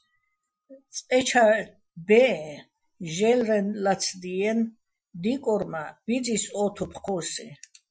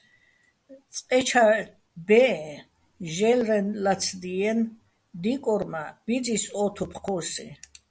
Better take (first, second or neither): second